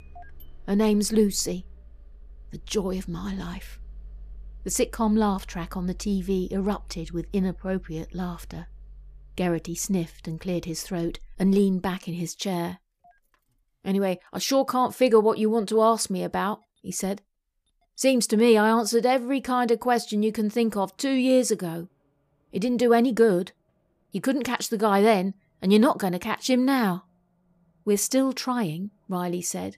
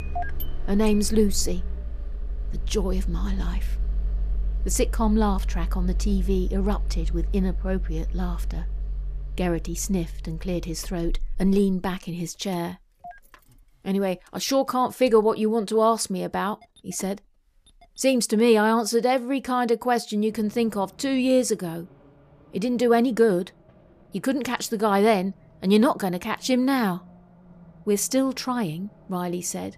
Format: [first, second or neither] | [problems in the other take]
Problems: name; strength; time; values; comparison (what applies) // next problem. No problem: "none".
first | traffic noise; loud; throughout; 7 dB below the speech; faint in the first